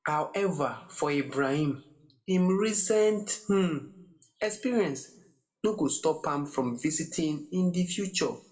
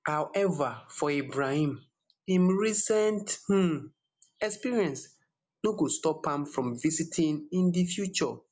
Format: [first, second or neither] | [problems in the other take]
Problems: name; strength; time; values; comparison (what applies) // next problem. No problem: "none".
second | room echo; dies away in 0.4 s